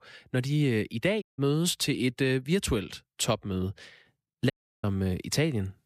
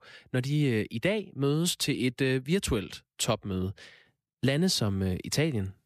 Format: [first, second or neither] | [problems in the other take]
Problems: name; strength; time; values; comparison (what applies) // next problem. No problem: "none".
second | audio cutting out; at 1 s and at 4.5 s